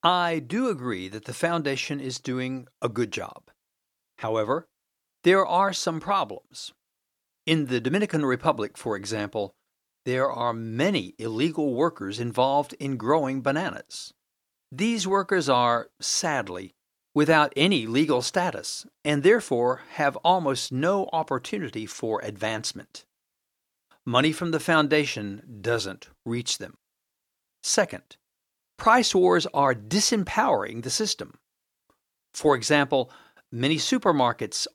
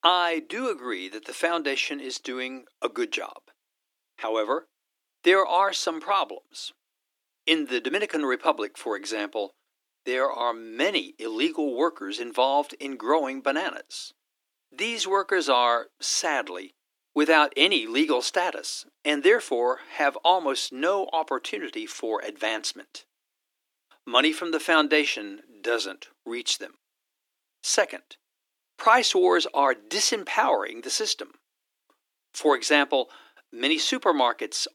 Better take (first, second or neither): first